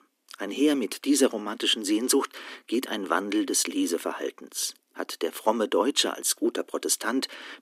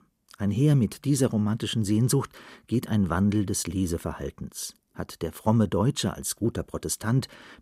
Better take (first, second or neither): second